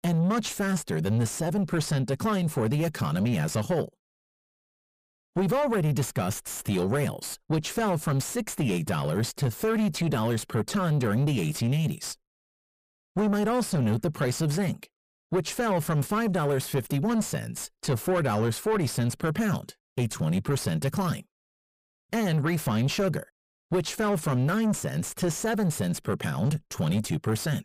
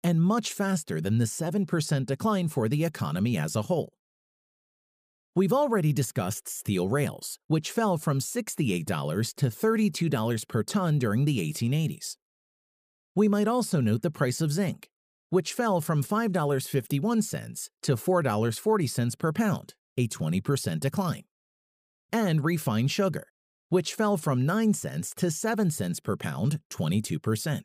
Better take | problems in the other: second | distortion; slight; 9 dB below the speech

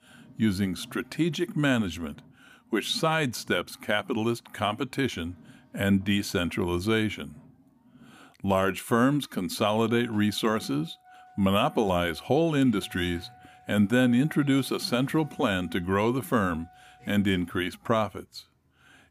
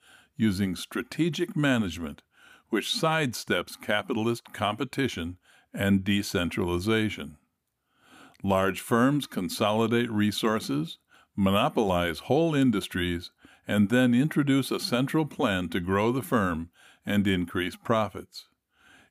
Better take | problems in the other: second | traffic noise; faint; throughout; 25 dB below the speech

